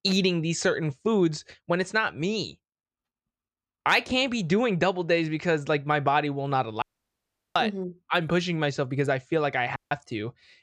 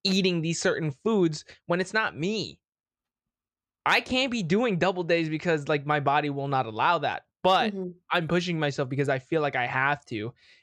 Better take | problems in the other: second | audio cutting out; at 7 s for 0.5 s and at 10 s

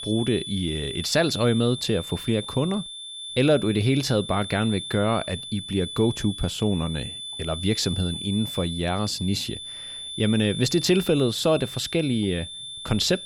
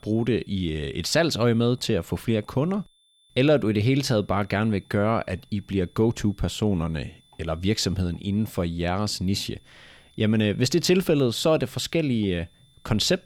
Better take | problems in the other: second | high-pitched whine; loud; throughout; 3.5 kHz, 9 dB below the speech; faint in the second

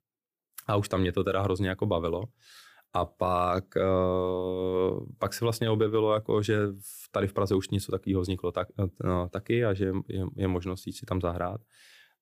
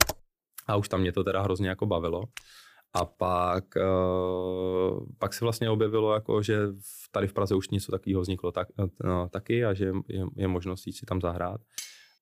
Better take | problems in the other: first | keyboard typing; loud; at the start; peak 3 dB above the speech // footsteps; faint; at 2.5 s; peak 15 dB below the speech // clattering dishes; faint; at 12 s; peak 10 dB below the speech

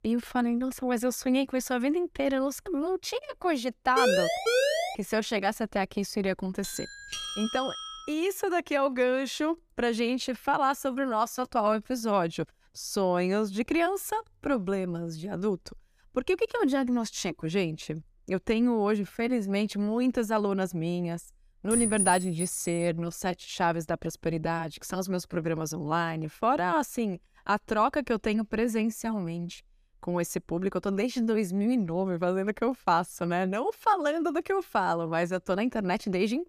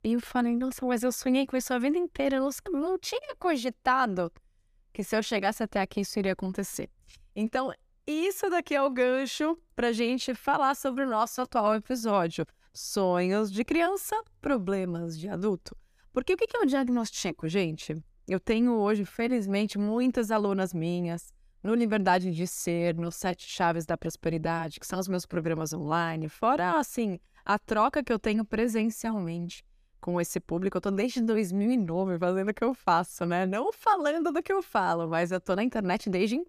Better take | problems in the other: second | siren; loud; at 4 s; peak 4 dB above the speech // doorbell; noticeable; from 6.5 to 8 s; peak 5 dB below the speech // clattering dishes; loud; at 22 s; peak 3 dB above the speech

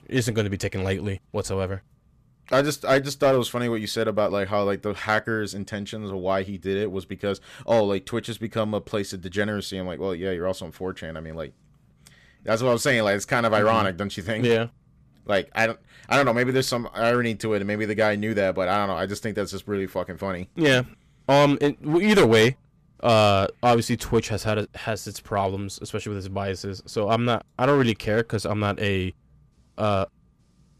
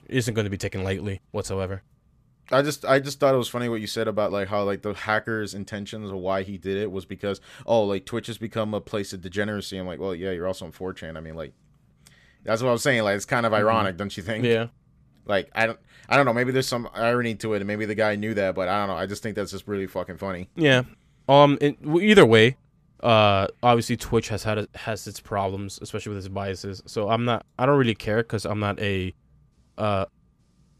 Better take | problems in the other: second | distortion; slight; 2% of the sound clipped

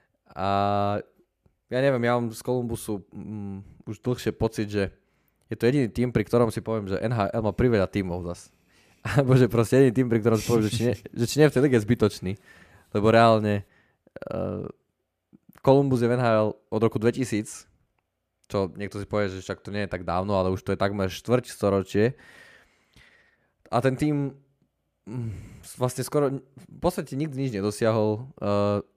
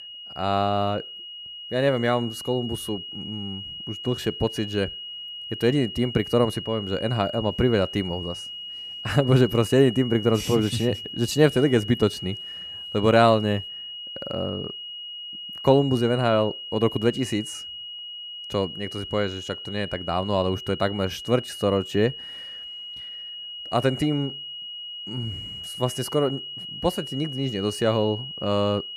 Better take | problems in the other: first | high-pitched whine; loud; throughout; 3 kHz, 10 dB below the speech

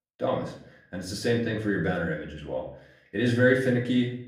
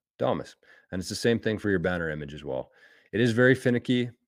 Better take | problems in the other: second | room echo; slight; dies away in 0.5 s // off-mic speech; far

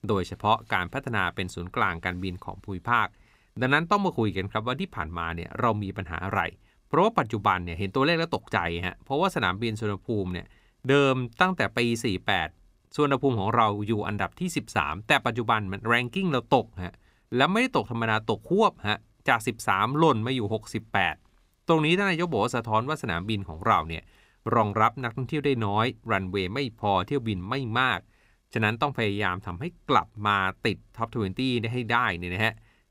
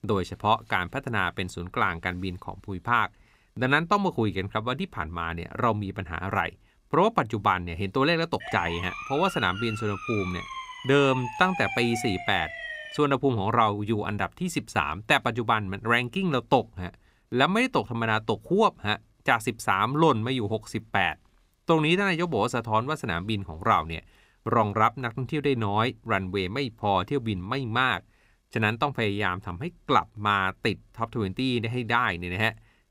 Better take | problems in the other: first | siren; noticeable; from 8.5 to 13 s; peak 6 dB below the speech

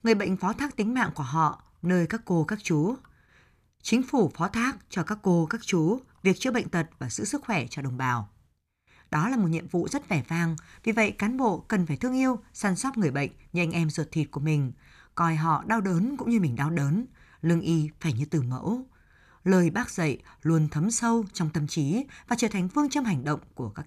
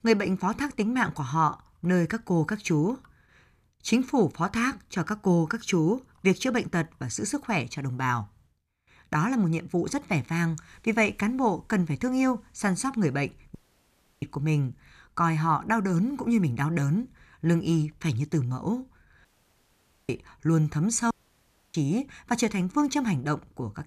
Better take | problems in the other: first | audio cutting out; at 14 s for 0.5 s, at 19 s for 1 s and at 21 s for 0.5 s

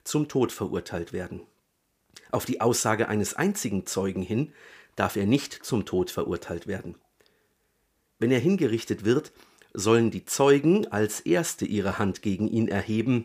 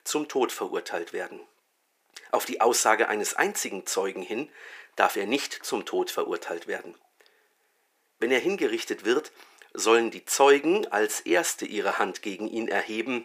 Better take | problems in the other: first | thin; very; fading below 350 Hz

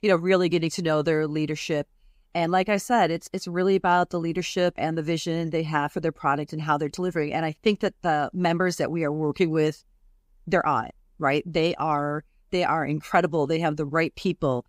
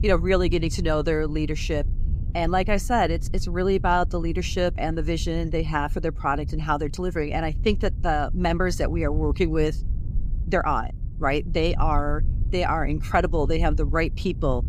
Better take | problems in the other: first | low rumble; faint; throughout; 20 dB below the speech

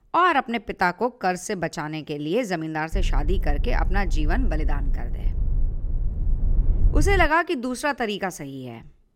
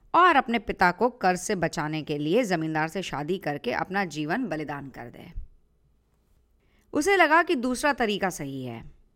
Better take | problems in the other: second | low rumble; faint; from 3 to 7.5 s; 20 dB below the speech

